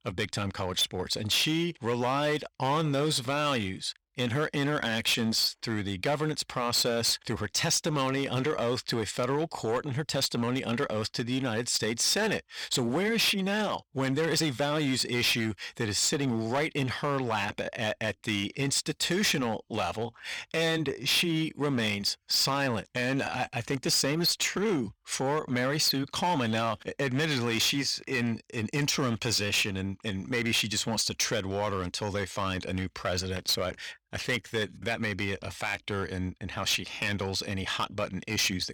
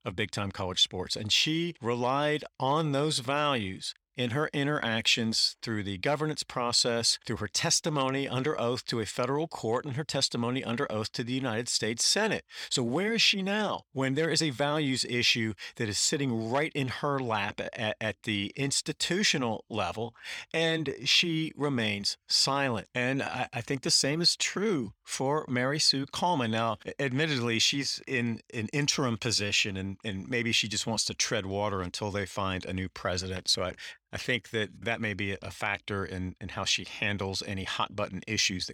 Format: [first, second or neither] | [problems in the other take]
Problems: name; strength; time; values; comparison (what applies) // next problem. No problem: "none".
second | distortion; slight; 8% of the sound clipped